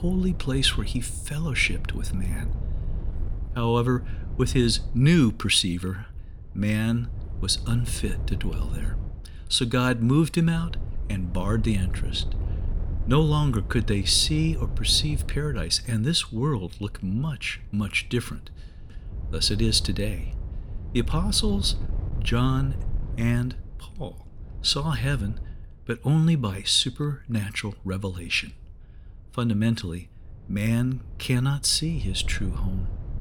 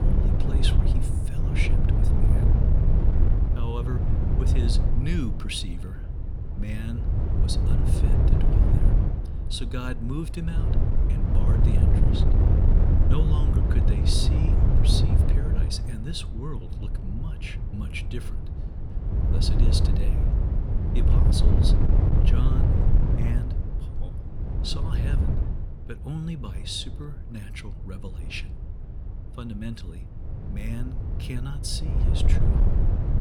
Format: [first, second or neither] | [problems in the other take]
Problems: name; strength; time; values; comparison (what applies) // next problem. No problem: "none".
first | wind noise on the microphone; heavy; as loud as the speech; occasional gusts in the first